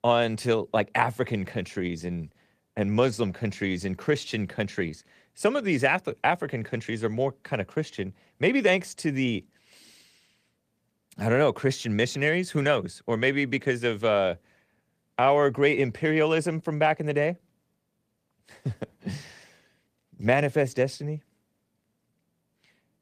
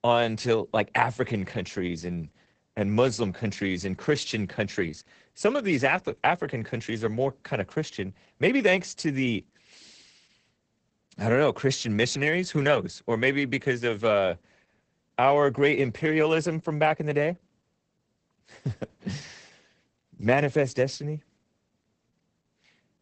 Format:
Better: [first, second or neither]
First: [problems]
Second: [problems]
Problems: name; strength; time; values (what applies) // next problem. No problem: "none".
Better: first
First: garbled, watery; slightly; nothing above 14.5 kHz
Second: garbled, watery; badly; nothing above 8 kHz